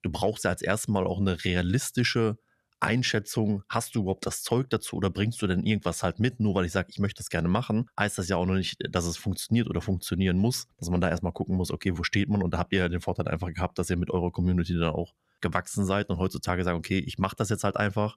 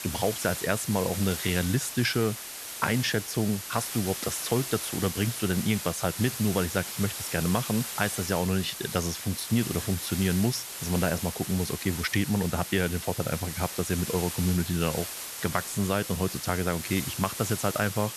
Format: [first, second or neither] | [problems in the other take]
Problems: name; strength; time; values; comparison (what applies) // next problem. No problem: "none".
first | hiss; loud; throughout; 6 dB below the speech